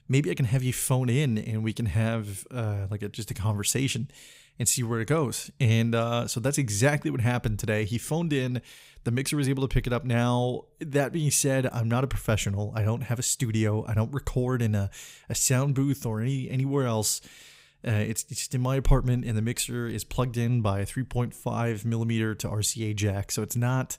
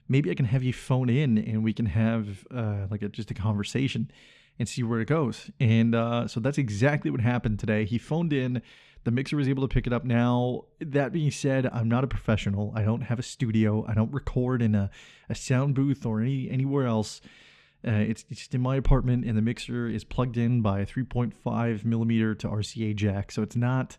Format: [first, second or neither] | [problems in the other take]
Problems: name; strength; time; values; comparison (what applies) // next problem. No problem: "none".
first | muffled; slightly; fading above 3.5 kHz